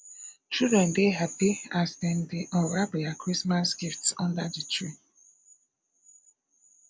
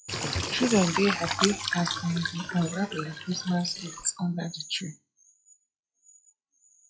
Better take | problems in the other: first | noise reduction (classical method log-MMSE)

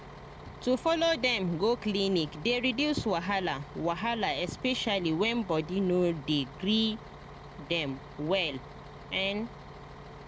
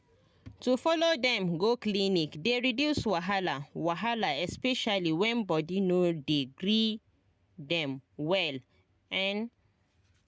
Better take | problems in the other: second | background sound (Bus); 15 dB below the speech

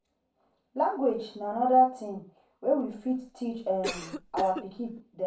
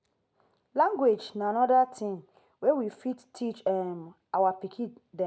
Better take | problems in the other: second | background sound (Cough); 11 dB below the speech // room echo; dies away in 0.3 s

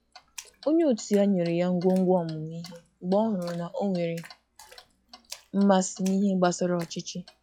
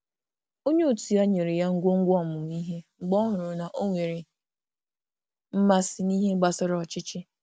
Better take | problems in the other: second | noise reduction (classical method log-MMSE)

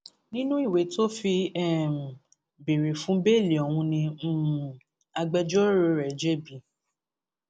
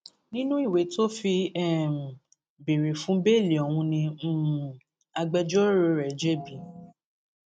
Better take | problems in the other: first | noise reduction (neural mask model RNNoise)

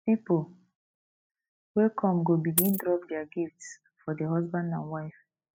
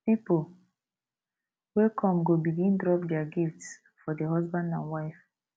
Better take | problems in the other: second | noise reduction (classical method spectral subtraction)

